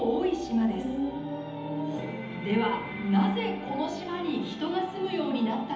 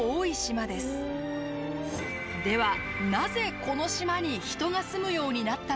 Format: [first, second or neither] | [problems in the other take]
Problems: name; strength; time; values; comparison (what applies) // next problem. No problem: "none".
second | room echo; dies away in 1.3 s